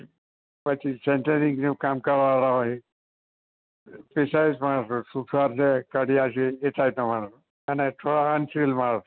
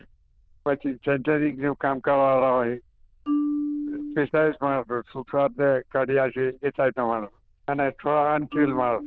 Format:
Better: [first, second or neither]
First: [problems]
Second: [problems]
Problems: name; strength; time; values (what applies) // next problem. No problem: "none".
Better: first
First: none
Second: noise reduction (neural diffusion model UNIVERSE++)